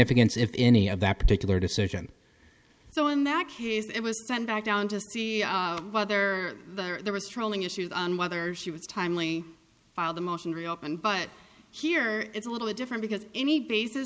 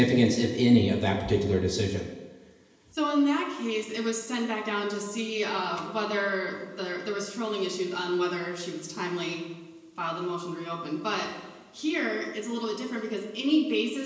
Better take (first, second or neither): first